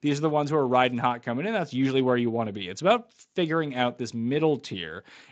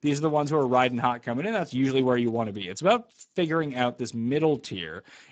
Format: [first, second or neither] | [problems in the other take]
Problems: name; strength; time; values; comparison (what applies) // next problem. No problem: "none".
first | garbled, watery; badly; nothing above 7.5 kHz; slightly in the first